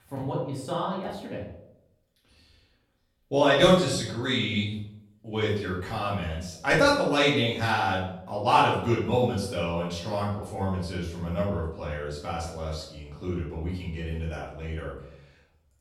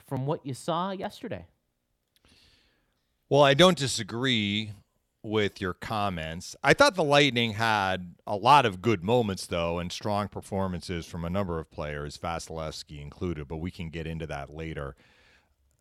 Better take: second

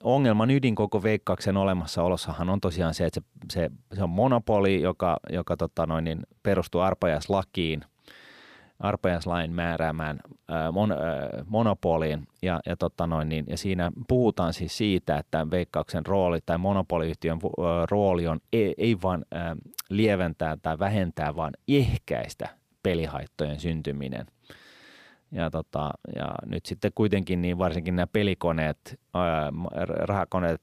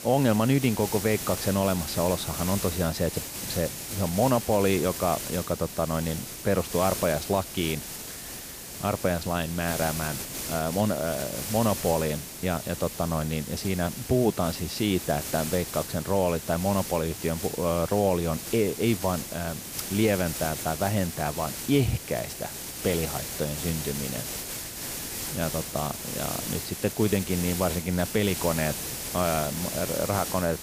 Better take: first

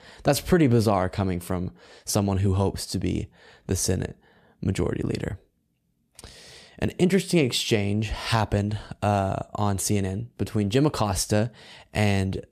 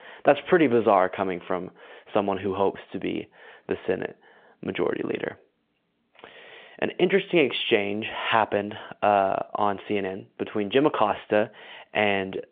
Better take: first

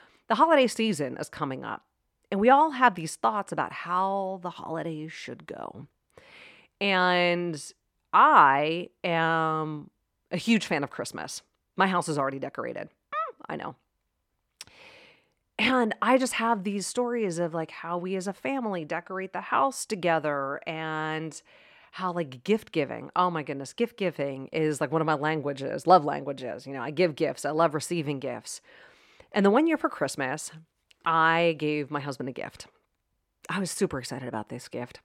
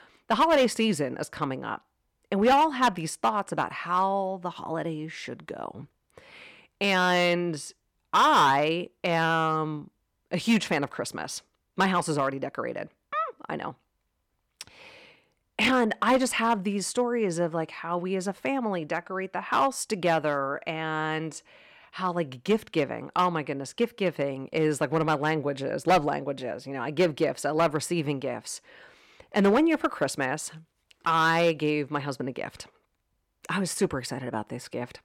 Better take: first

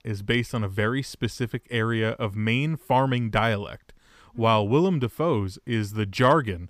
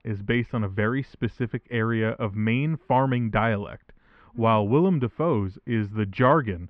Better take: first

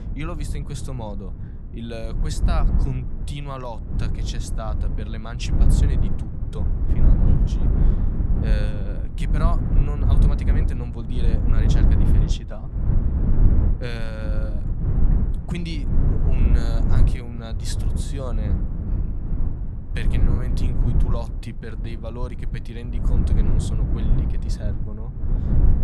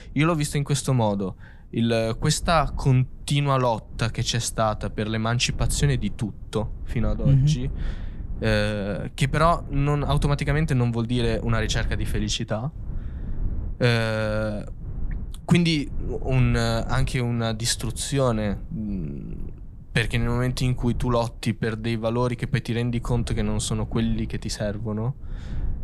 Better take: second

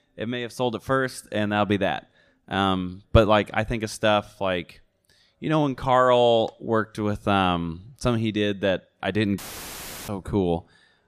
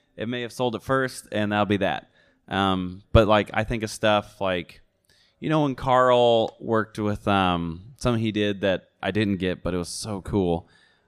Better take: second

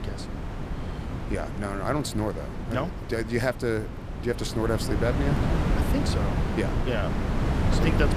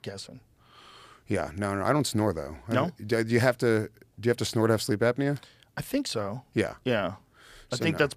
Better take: second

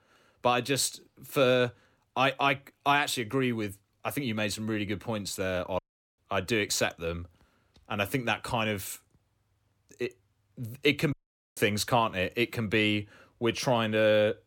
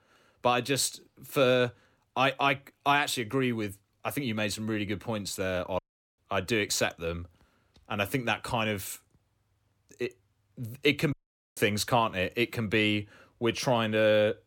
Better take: neither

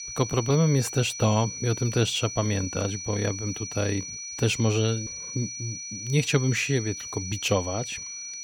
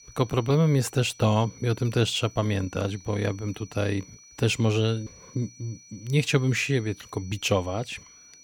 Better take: second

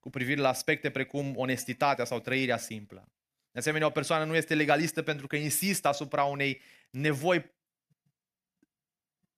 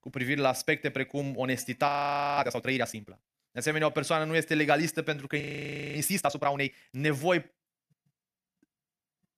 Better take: first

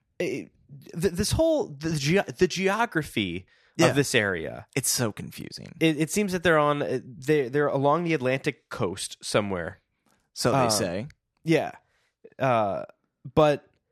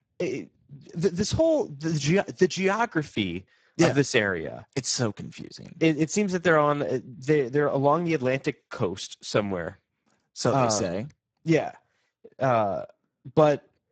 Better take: first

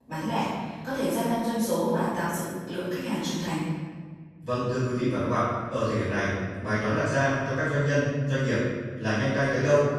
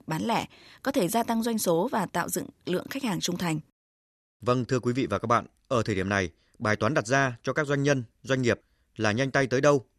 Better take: second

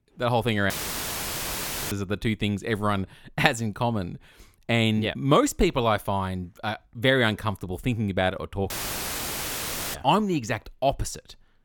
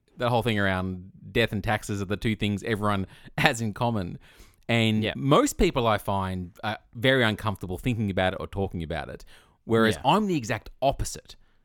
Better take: second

